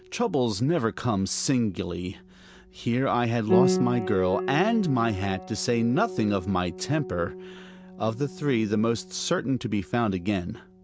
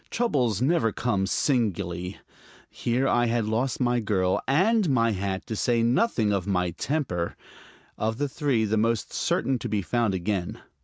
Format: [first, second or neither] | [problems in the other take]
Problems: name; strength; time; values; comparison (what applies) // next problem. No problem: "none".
second | background sound (Piano); 7 dB below the speech